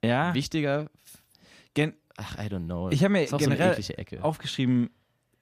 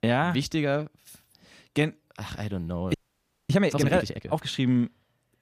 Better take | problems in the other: first | audio freezing; at 3 s for 0.5 s

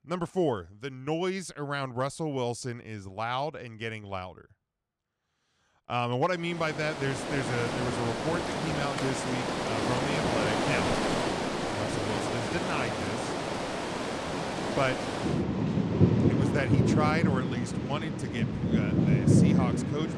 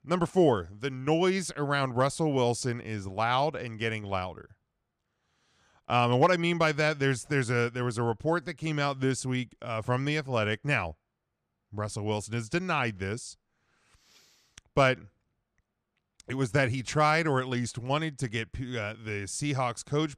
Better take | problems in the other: second | rain or running water; very loud; from 7 s on; 4 dB above the speech

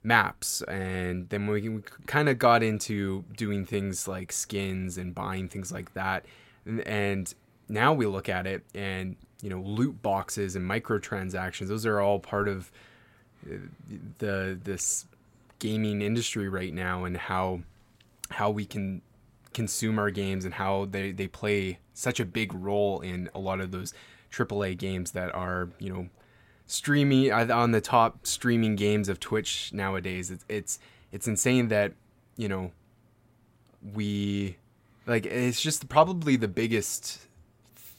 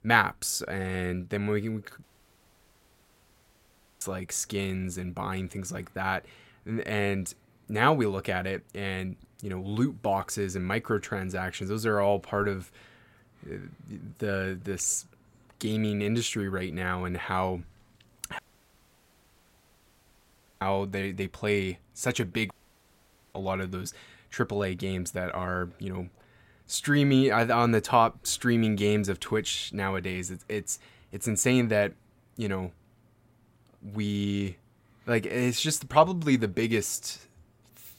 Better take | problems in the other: first | audio cutting out; at 2 s for 2 s, at 18 s for 2 s and at 23 s for 1 s

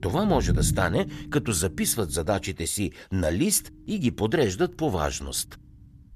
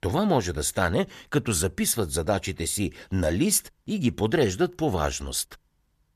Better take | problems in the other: second | low rumble; noticeable; until 2.5 s and from 3.5 s on; 15 dB below the speech

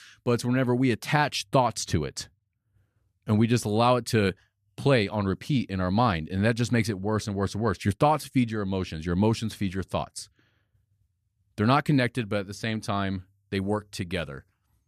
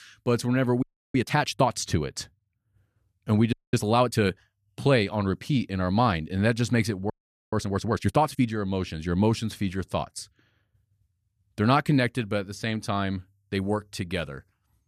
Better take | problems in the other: first | audio freezing; at 1 s, at 3.5 s and at 7 s

